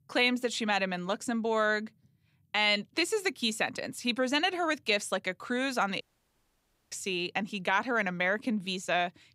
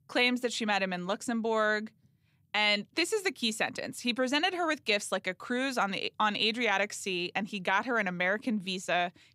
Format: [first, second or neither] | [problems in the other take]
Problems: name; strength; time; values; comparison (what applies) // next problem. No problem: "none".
second | audio cutting out; at 6 s for 1 s